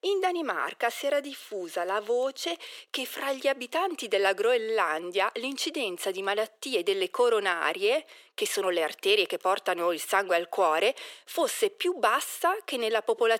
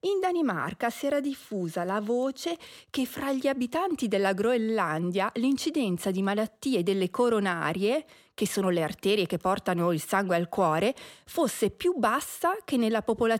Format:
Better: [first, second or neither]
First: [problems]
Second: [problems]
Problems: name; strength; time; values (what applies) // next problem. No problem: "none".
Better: second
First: thin; very; fading below 400 Hz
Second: none